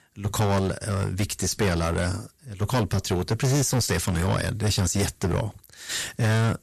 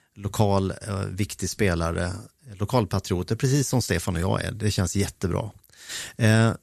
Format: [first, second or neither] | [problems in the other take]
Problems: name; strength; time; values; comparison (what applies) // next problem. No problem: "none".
second | distortion; heavy; 14% of the sound clipped